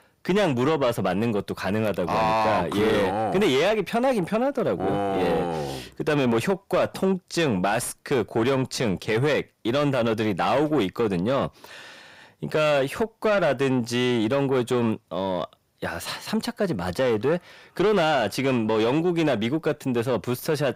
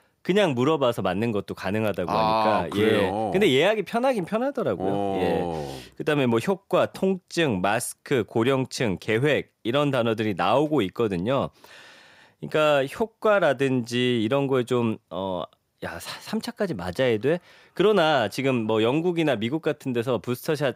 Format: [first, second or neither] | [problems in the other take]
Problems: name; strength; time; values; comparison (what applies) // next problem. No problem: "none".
second | distortion; slight; 10 dB below the speech